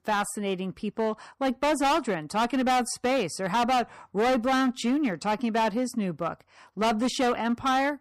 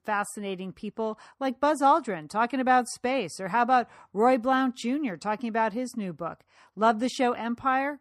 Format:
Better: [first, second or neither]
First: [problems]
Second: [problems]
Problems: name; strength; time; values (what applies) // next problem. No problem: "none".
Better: second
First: distortion; heavy; 15% of the sound clipped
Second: none